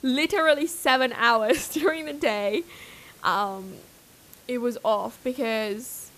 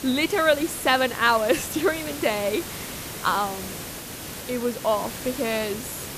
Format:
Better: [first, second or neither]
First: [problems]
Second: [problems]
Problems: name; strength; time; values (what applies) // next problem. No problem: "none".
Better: first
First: hiss; faint; throughout; 25 dB below the speech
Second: hiss; loud; throughout; 10 dB below the speech